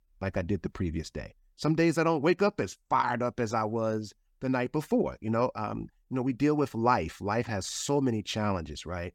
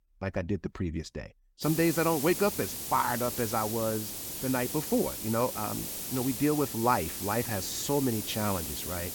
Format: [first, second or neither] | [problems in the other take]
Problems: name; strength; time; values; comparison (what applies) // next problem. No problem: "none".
first | hiss; loud; from 1.5 s on; 4 dB below the speech